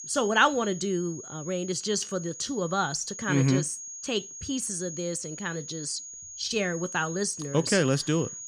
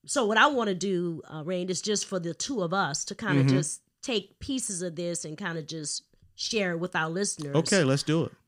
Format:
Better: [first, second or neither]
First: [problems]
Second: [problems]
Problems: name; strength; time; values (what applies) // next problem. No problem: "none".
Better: second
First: high-pitched whine; noticeable; throughout; 6.5 kHz, 10 dB below the speech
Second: none